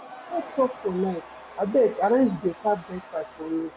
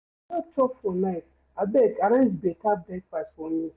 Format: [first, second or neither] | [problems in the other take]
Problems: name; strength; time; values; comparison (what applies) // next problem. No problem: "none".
second | background sound (Crowd / Cheering); 17 dB below the speech